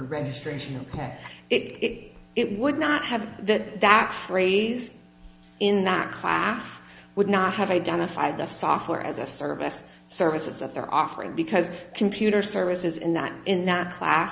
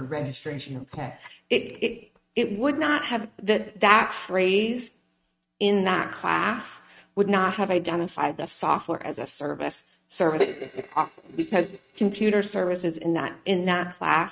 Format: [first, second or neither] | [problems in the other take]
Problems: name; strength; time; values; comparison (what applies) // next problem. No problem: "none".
first | noise reduction (neural mask model RNNoise)